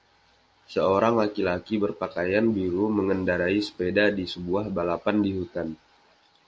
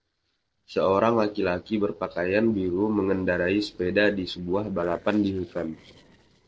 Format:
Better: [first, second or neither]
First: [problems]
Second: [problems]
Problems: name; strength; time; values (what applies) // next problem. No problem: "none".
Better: first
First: none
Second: noise reduction (neural separator model SepFormer DNS4)